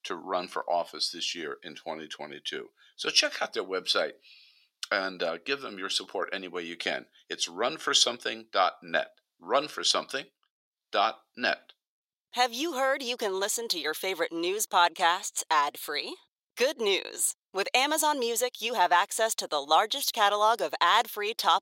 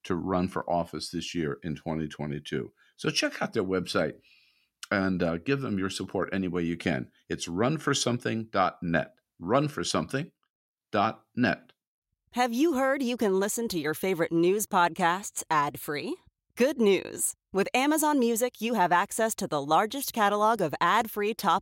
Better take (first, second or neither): second